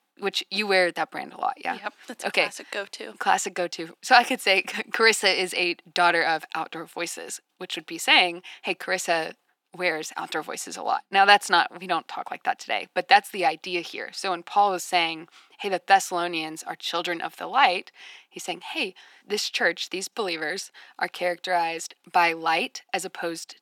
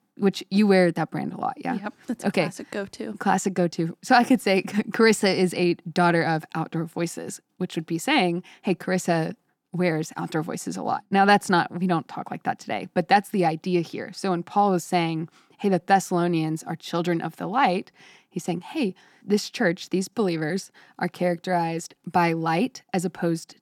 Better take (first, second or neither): second